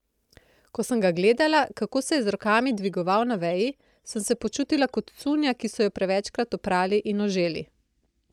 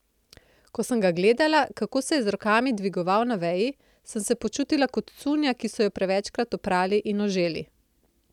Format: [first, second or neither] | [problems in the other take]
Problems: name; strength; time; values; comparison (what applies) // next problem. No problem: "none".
second | noise reduction (neural mask model DeepFilterNet 3)